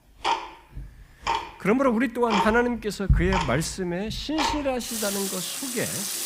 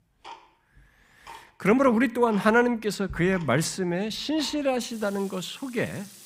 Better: second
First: household noises; loud; throughout; 2 dB below the speech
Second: household noises; faint; throughout; 20 dB below the speech

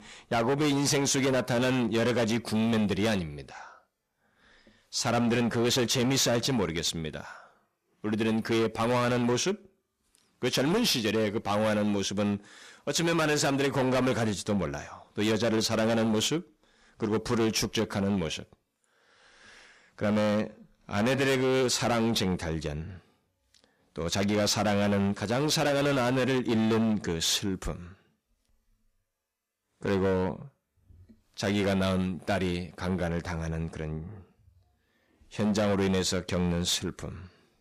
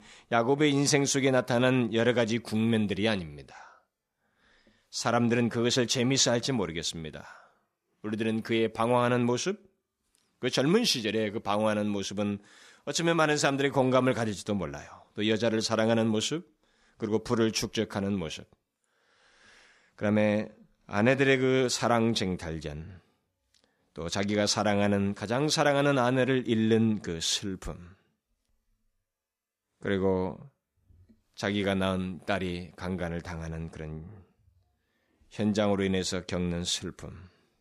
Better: second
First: distortion; heavy; 14% of the sound clipped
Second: none

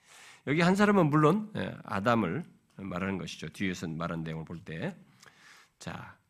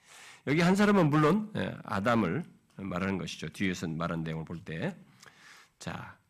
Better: first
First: none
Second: distortion; slight; 2% of the sound clipped

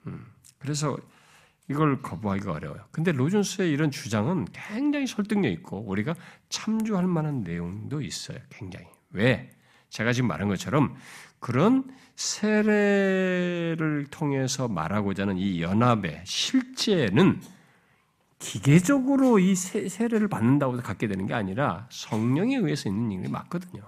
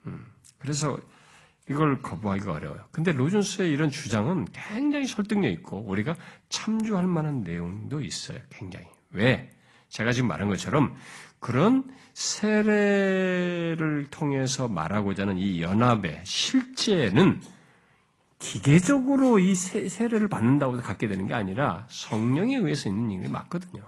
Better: first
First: none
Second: garbled, watery; slightly; nothing above 11 kHz

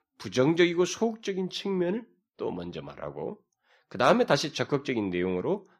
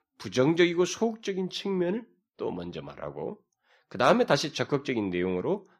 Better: neither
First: none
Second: none

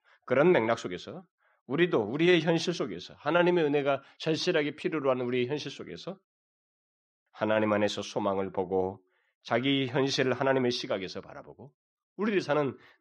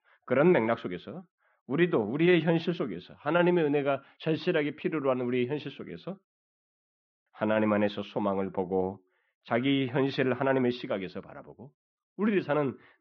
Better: first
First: none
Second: muffled; slightly; fading above 3 kHz

